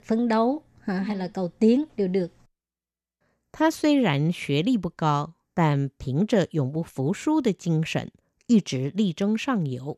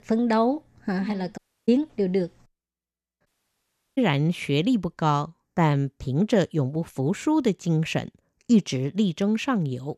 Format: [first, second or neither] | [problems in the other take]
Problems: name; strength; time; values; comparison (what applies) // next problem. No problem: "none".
first | audio cutting out; at 1.5 s and at 3.5 s for 0.5 s